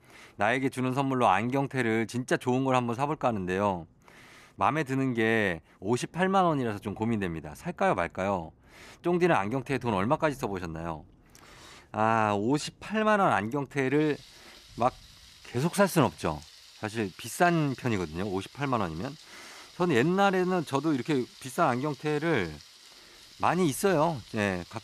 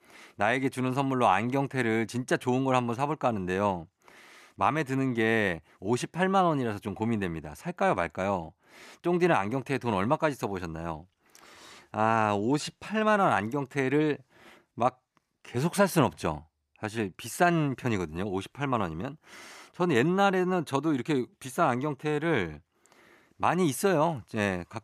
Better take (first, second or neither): second